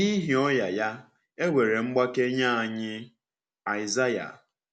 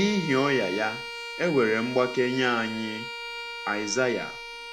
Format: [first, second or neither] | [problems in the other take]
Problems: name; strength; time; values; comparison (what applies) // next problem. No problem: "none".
first | background sound (Bowed string instrument); 9 dB below the speech